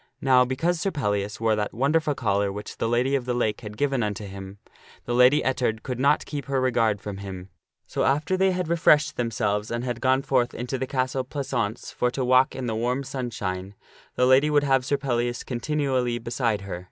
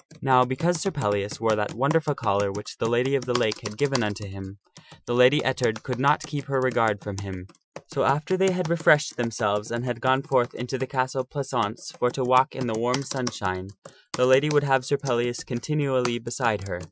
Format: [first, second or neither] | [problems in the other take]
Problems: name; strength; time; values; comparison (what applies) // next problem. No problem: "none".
first | noise reduction (classical method Wiener filter)